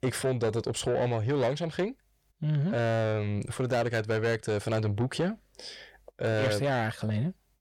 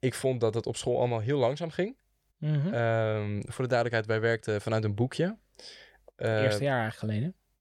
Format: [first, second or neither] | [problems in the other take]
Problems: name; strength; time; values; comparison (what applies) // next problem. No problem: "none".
second | distortion; slight; 10 dB below the speech